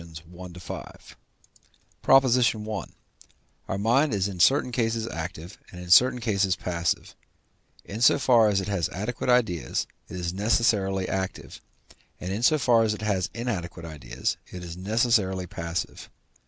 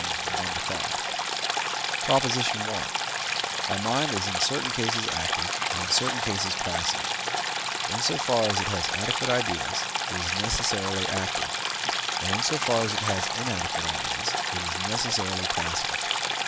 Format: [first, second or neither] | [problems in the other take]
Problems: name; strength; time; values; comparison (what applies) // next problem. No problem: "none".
first | background sound (Stream); 3 dB above the speech